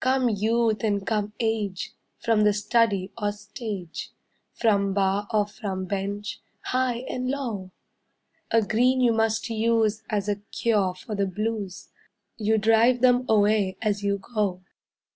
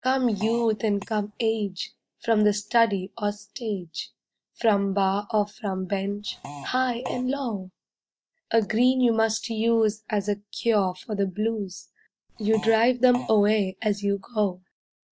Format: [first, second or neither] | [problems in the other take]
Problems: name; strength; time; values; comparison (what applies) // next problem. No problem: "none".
first | noise reduction (neural mask model DeepFilterNet 3)